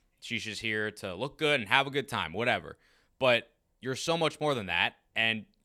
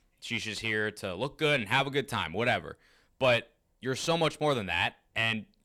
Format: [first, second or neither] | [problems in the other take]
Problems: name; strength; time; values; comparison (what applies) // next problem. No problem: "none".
first | distortion; slight; 9 dB below the speech